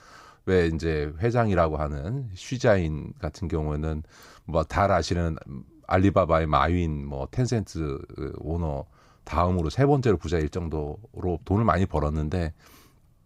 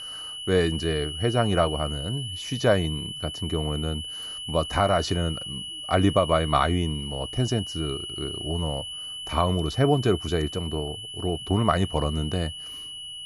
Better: first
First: none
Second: high-pitched whine; loud; throughout; 3 kHz, 7 dB below the speech

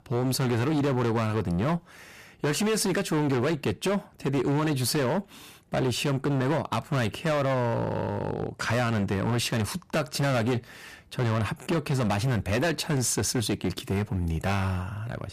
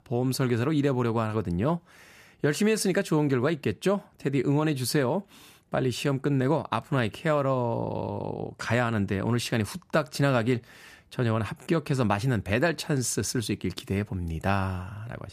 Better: second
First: distortion; heavy; 20% of the sound clipped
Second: none

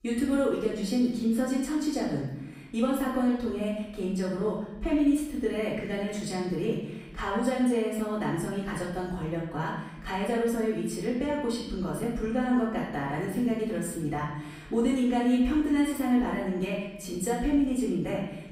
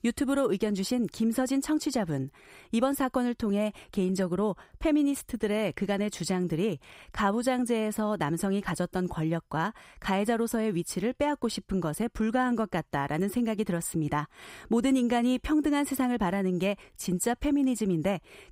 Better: second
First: off-mic speech; far // room echo; noticeable; dies away in 0.9 s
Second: none

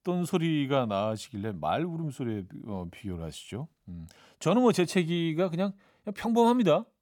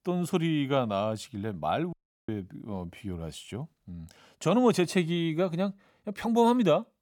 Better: first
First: none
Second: audio cutting out; at 2 s

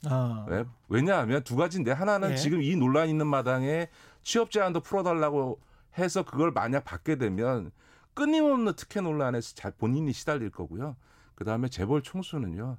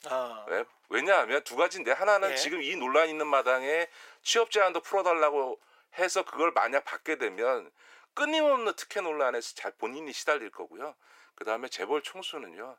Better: first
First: none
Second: thin; very; fading below 450 Hz

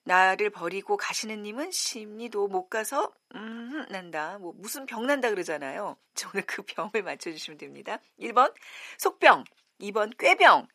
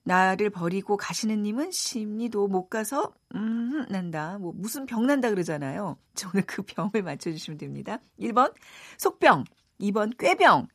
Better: second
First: thin; somewhat; fading below 450 Hz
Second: none

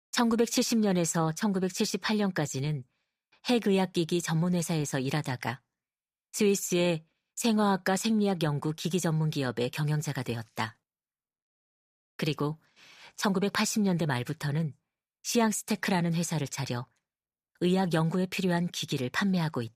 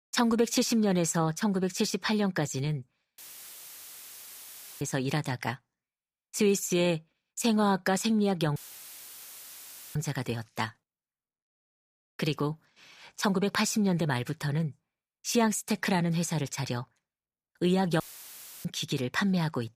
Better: first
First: none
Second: audio cutting out; filled with static; at 3 s for 1.5 s, at 8.5 s for 1.5 s and at 18 s for 0.5 s

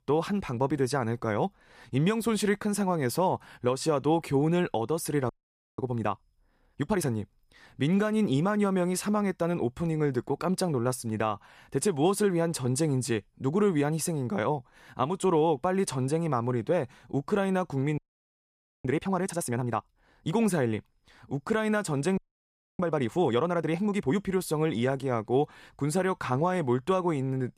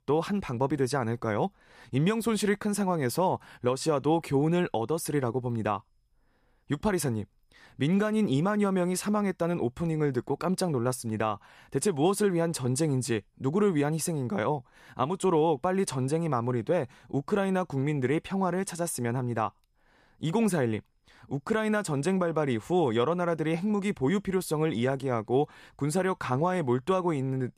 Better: second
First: audio freezing; at 5.5 s, at 18 s for 1 s and at 22 s for 0.5 s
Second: none

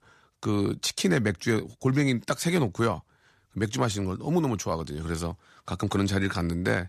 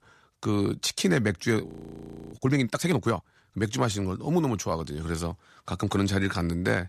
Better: first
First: none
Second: audio freezing; at 1.5 s for 0.5 s

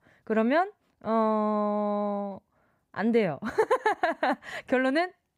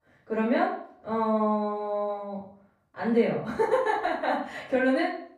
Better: first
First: none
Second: off-mic speech; far // room echo; noticeable; dies away in 0.5 s

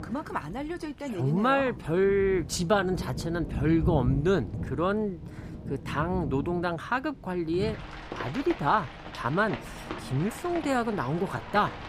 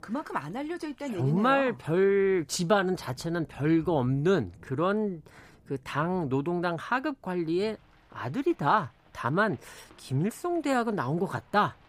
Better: second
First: rain or running water; loud; throughout; 9 dB below the speech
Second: rain or running water; faint; throughout; 30 dB below the speech

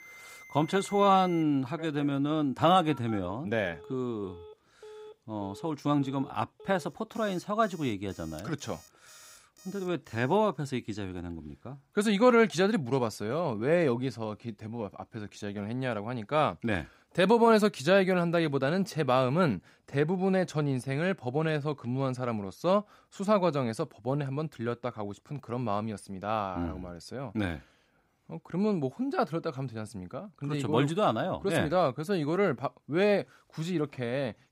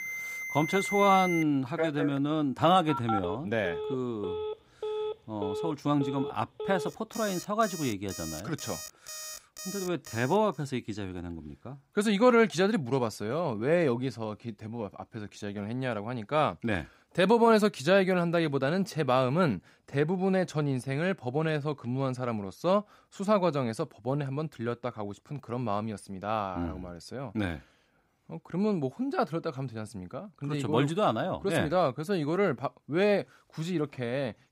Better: first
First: alarms or sirens; faint; until 10 s; 20 dB below the speech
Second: alarms or sirens; loud; until 10 s; 7 dB below the speech

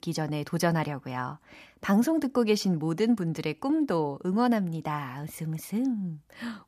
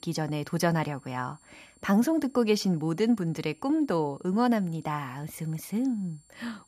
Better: first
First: none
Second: high-pitched whine; faint; throughout; 7.5 kHz, 30 dB below the speech

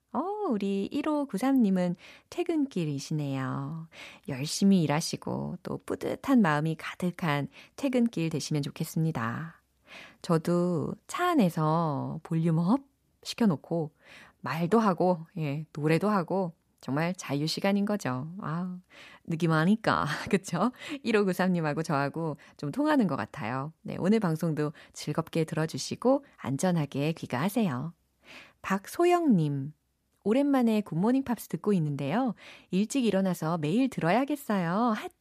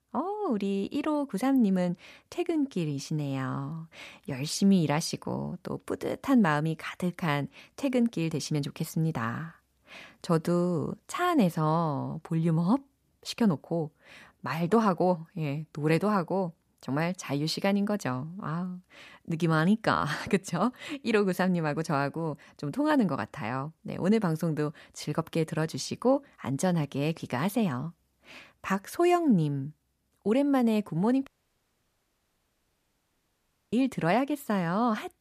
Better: first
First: none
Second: audio cutting out; at 31 s for 2.5 s

